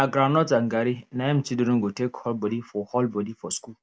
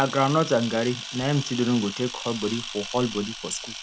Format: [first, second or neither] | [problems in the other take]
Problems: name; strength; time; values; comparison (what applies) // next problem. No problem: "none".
first | background sound (Camera); 11 dB below the speech